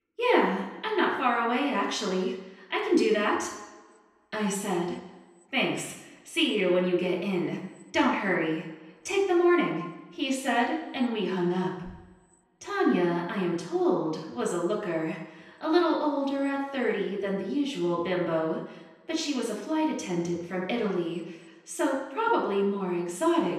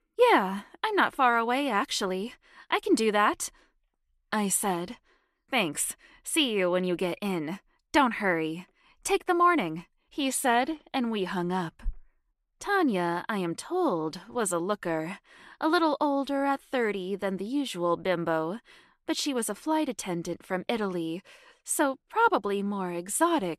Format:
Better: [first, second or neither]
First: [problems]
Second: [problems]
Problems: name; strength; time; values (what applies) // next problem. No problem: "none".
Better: second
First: room echo; noticeable; dies away in 0.9 s // off-mic speech; far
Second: none